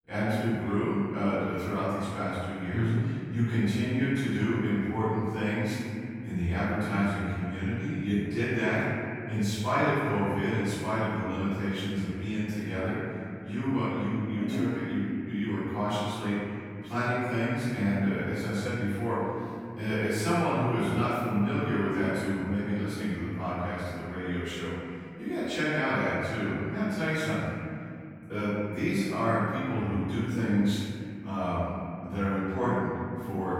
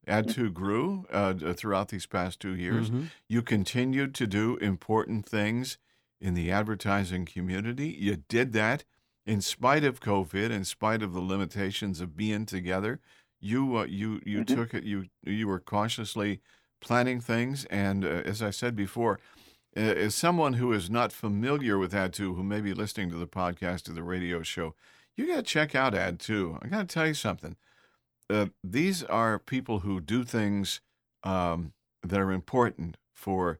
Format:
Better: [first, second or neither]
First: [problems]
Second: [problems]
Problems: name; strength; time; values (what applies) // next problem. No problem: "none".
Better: second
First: off-mic speech; far // room echo; strong; dies away in 2.6 s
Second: none